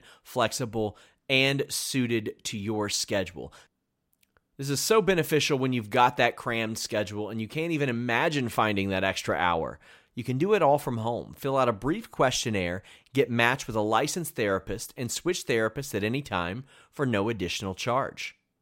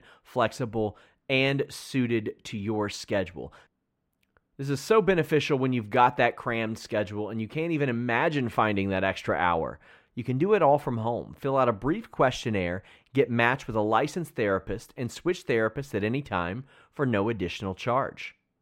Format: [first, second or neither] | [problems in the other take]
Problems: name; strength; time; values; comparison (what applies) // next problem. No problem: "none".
first | muffled; slightly; fading above 3.5 kHz